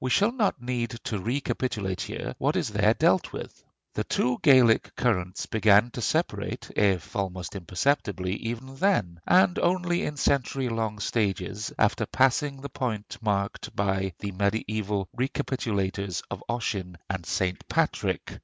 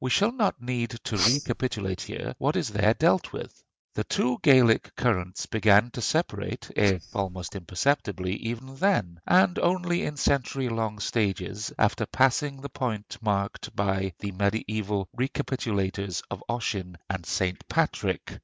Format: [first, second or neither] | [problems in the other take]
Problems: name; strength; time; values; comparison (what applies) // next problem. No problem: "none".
first | noise reduction (neural mask model DeepFilterNet 3)